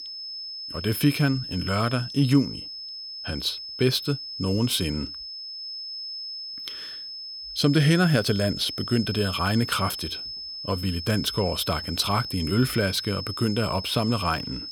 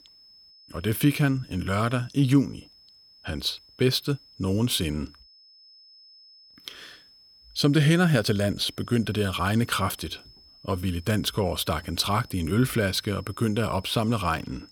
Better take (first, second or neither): second